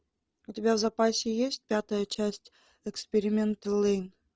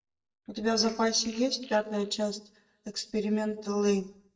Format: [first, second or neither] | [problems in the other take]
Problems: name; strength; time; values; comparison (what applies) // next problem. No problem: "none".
first | noise reduction (neural mask model DeepFilterNet 3)